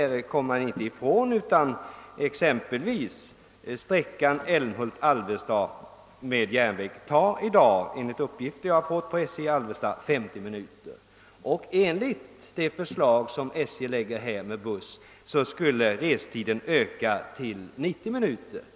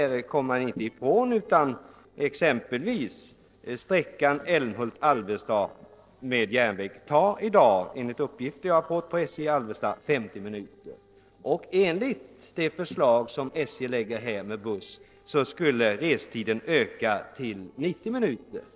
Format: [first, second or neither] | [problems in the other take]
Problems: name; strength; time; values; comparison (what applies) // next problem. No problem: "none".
first | noise reduction (neural separator model SepFormer DNS4)